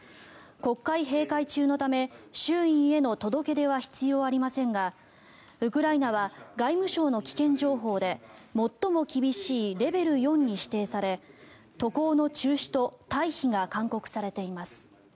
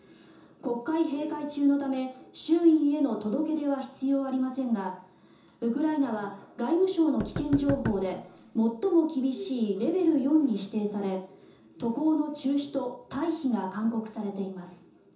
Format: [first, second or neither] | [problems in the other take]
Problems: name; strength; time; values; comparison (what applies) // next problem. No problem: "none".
first | background sound (Knock); 9 dB below the speech // room echo; dies away in 0.6 s